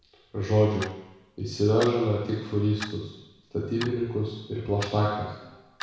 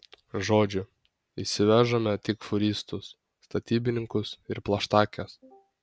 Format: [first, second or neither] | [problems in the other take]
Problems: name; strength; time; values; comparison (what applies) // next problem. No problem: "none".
second | background sound (Clock); 17 dB below the speech // room echo; dies away in 1.1 s